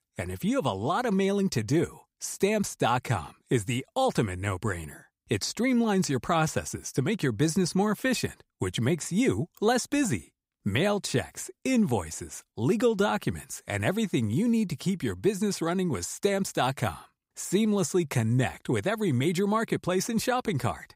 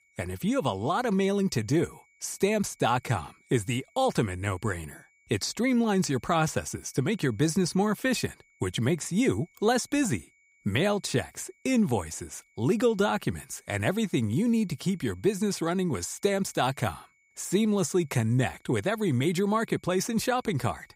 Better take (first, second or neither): first